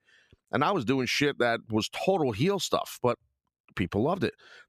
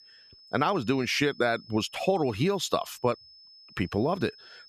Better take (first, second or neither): first